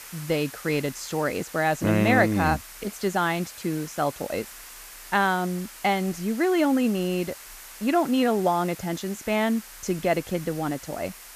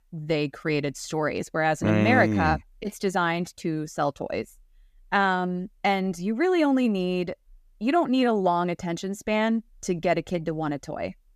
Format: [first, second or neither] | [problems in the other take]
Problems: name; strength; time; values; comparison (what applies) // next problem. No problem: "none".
second | hiss; noticeable; throughout; 15 dB below the speech